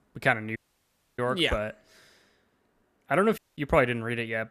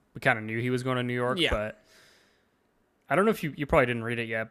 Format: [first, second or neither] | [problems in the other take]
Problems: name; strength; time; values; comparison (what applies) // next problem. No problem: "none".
second | audio cutting out; at 0.5 s for 0.5 s and at 3.5 s